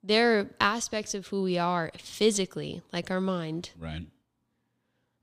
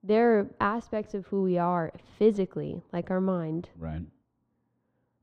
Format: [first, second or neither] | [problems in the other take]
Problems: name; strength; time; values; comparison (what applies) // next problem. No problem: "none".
first | muffled; very; fading above 2.5 kHz